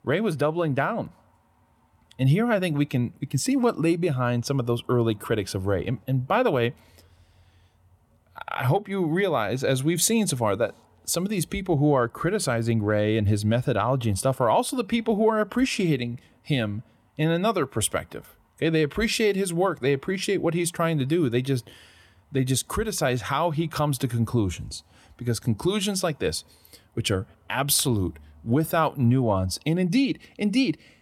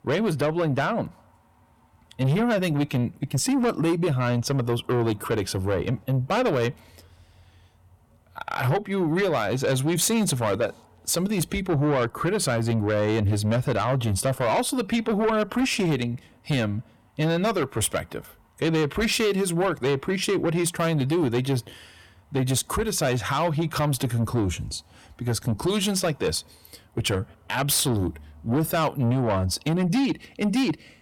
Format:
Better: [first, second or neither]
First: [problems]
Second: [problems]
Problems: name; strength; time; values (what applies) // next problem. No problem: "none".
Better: first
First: none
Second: distortion; slight; 10 dB below the speech